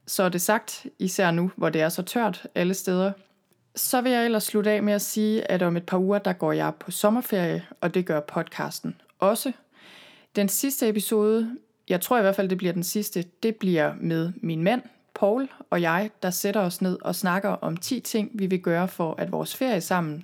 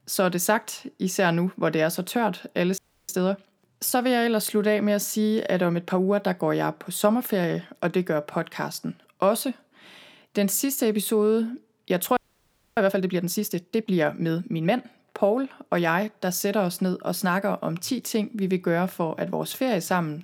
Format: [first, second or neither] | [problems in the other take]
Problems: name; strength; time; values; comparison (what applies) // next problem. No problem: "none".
first | audio freezing; at 3 s and at 12 s for 0.5 s